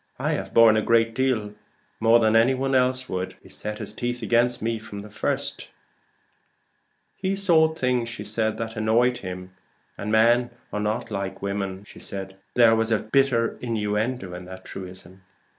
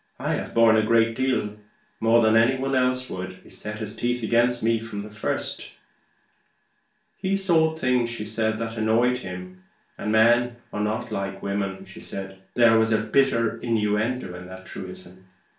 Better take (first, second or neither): first